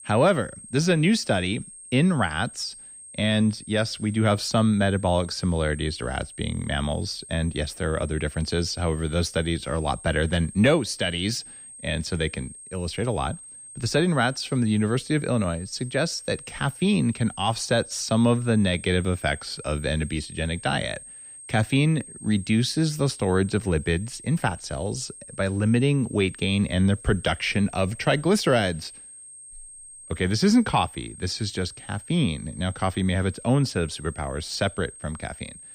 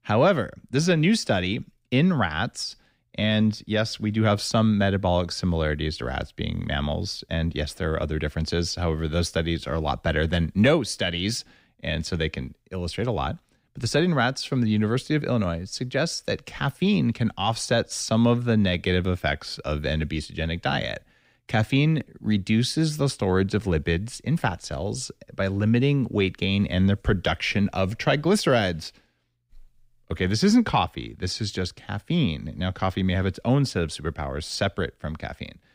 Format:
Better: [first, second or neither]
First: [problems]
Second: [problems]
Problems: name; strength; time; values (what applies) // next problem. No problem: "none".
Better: second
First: high-pitched whine; noticeable; throughout; 8.5 kHz, 15 dB below the speech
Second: none